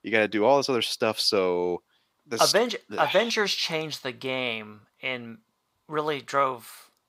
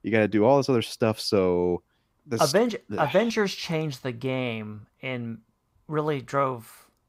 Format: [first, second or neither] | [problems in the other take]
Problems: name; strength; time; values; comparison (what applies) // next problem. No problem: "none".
second | thin; very slightly; fading below 650 Hz